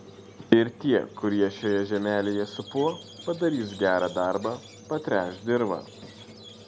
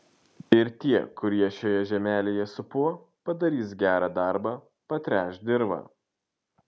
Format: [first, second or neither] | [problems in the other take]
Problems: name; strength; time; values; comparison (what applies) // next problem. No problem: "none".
second | background sound (Squeak); 18 dB below the speech